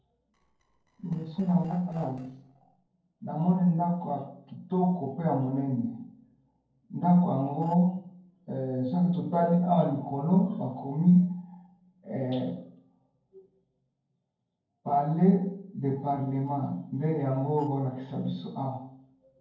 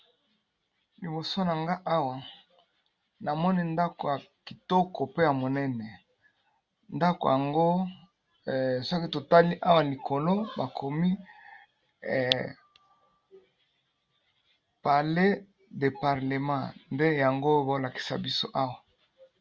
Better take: second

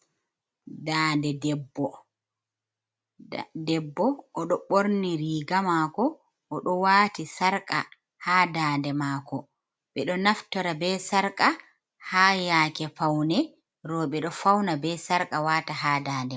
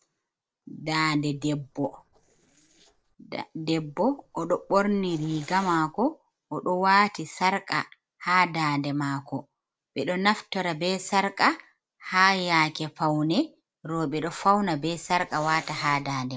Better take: first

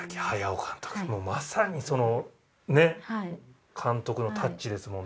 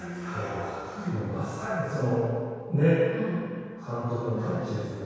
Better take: first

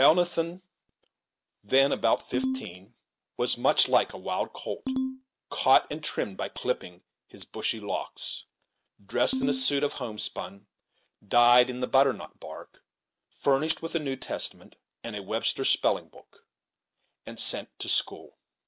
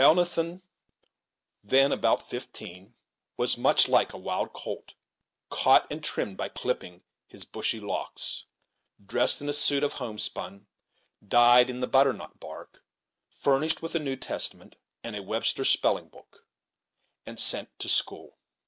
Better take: second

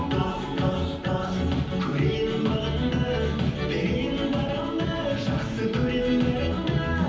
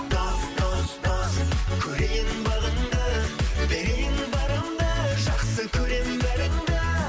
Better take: second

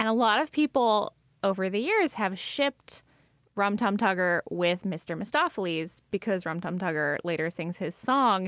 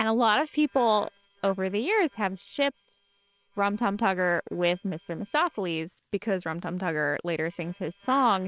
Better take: first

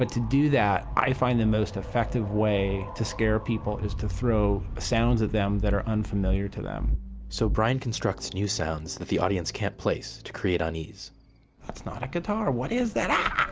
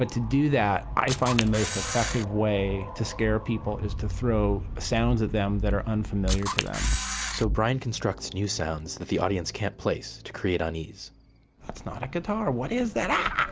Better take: first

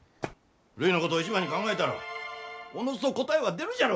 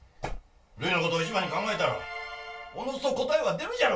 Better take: first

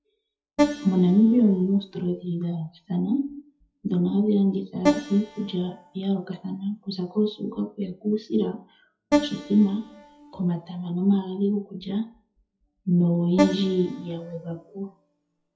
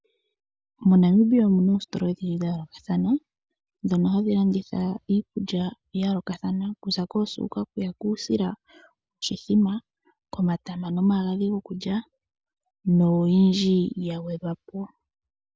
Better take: second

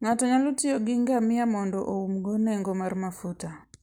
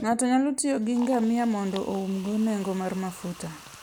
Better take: first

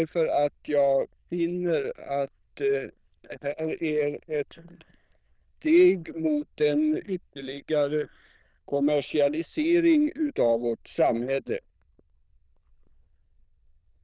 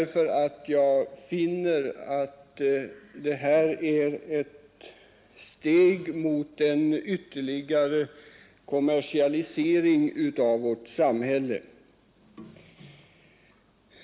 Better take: second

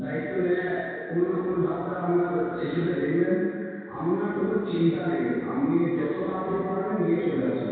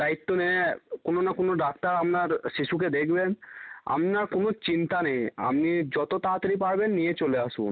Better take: second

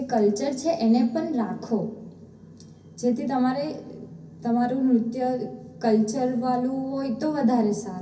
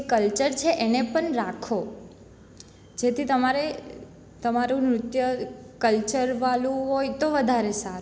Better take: second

